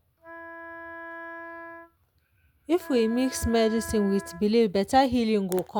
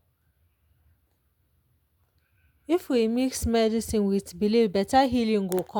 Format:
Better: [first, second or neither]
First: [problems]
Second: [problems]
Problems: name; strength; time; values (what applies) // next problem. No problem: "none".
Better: second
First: background sound (Wind instrument, woodwind instrument); 15 dB below the speech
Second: none